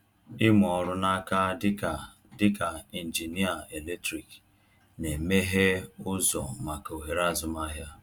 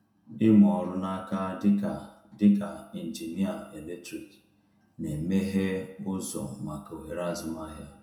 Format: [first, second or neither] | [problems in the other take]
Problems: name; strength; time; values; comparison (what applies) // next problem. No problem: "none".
first | room echo; dies away in 0.6 s